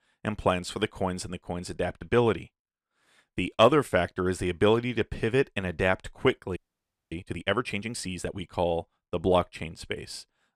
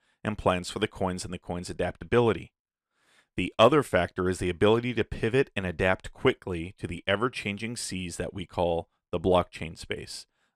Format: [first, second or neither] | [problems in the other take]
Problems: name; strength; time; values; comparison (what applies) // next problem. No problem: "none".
second | audio freezing; at 6.5 s for 0.5 s